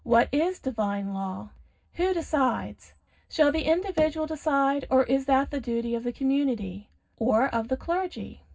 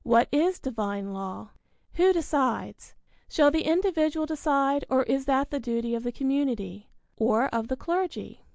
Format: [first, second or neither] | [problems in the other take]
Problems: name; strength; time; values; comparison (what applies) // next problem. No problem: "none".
second | background sound (Knock / Wood); 19 dB below the speech // room echo; dies away in 0.4 s